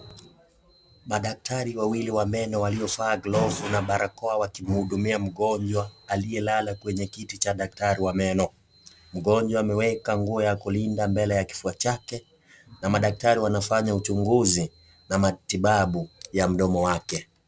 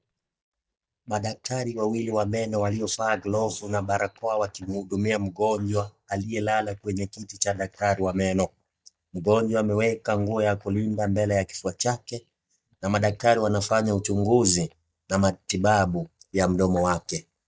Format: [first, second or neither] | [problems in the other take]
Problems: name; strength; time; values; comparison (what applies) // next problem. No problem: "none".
first | noise reduction (neural mask model DeepFilterNet 3)